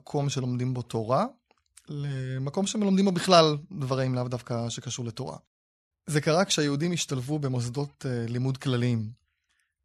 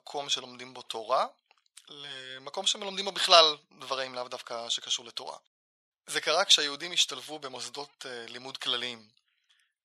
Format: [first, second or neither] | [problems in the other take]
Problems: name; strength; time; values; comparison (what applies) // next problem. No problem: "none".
first | thin; very; fading below 800 Hz